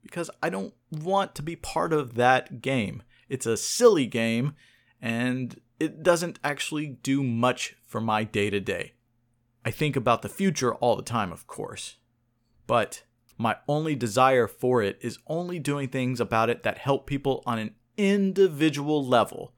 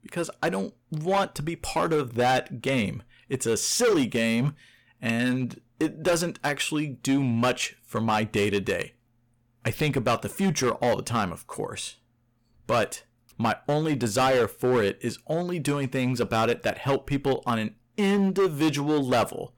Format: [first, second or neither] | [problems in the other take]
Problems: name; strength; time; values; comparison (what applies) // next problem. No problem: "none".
first | distortion; heavy; 8% of the sound clipped